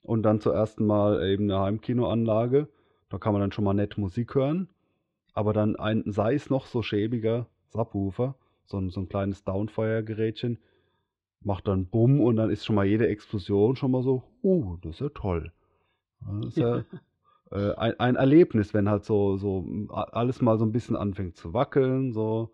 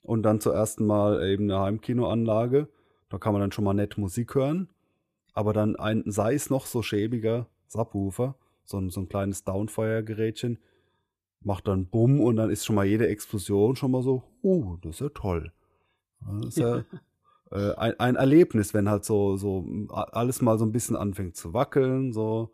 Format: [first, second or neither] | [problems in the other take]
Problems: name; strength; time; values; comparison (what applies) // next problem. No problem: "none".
second | muffled; slightly; fading above 4 kHz